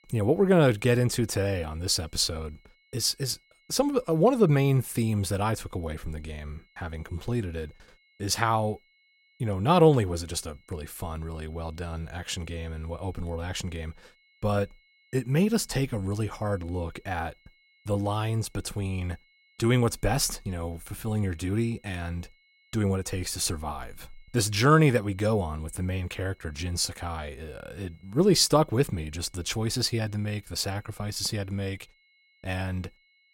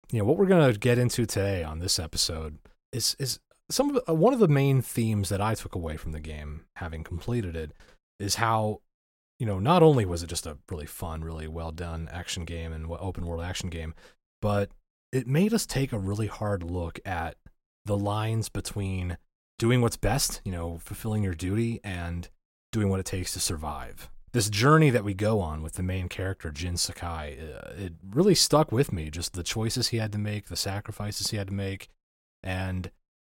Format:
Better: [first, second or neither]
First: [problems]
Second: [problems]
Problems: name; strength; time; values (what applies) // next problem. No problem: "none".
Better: second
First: high-pitched whine; faint; throughout; 2 kHz, 35 dB below the speech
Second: none